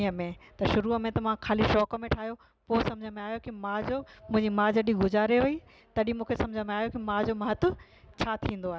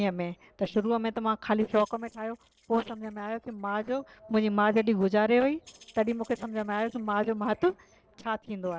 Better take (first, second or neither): first